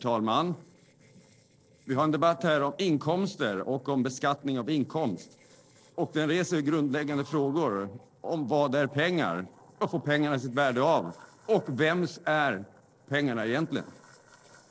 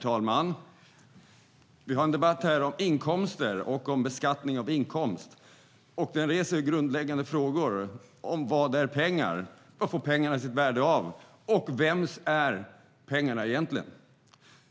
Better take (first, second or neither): second